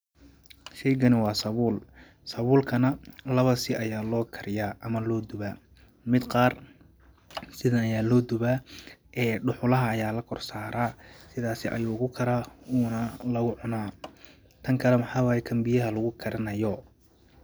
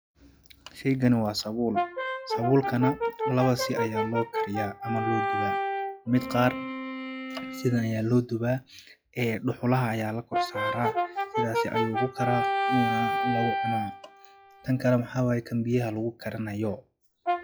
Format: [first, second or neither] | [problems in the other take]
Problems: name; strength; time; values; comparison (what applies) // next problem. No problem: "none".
first | noise reduction (classical method log-MMSE)